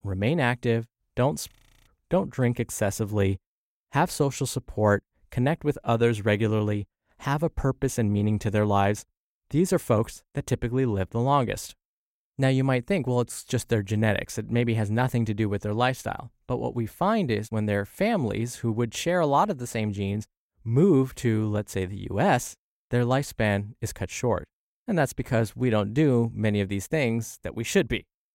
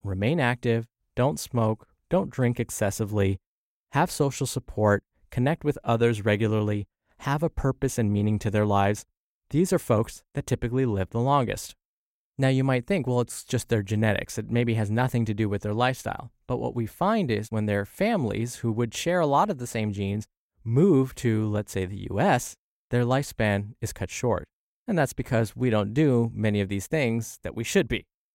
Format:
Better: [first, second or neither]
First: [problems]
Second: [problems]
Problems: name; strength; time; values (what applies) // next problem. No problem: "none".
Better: second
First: audio freezing; at 1.5 s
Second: none